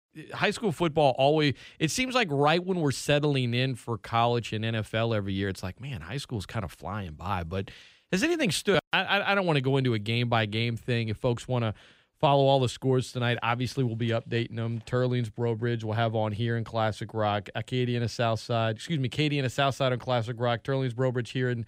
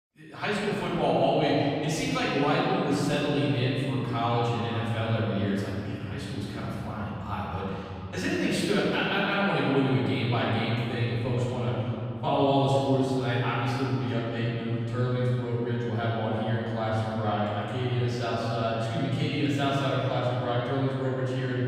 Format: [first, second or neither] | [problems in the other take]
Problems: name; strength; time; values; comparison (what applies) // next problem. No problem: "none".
first | off-mic speech; far // room echo; strong; dies away in 2.8 s